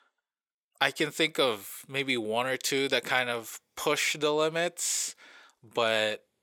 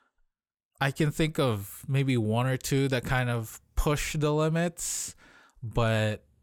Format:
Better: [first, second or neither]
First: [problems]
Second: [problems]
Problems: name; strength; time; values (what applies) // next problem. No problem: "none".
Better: second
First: thin; somewhat; fading below 450 Hz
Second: none